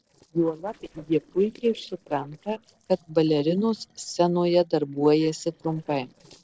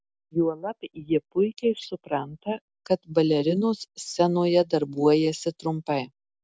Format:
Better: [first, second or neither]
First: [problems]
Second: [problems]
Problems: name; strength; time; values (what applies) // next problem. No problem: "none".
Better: second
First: noise reduction (neural separator model SepFormer DNS4)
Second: none